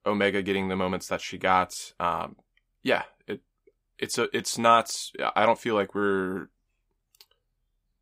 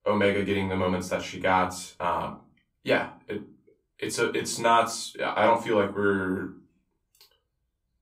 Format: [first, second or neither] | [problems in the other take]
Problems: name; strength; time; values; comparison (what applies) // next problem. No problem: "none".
first | off-mic speech; far // room echo; very slight; dies away in 0.2 s